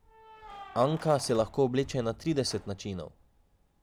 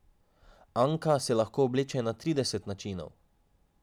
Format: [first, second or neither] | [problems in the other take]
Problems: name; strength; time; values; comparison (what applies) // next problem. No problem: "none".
second | background sound (Keys jangling); 19 dB below the speech